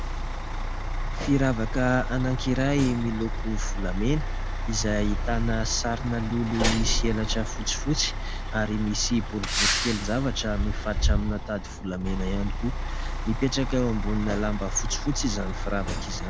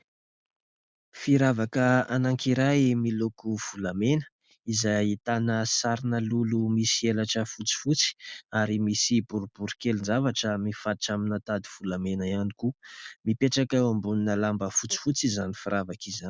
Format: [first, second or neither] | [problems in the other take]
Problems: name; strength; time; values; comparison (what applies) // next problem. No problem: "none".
second | background sound (Truck); as loud as the speech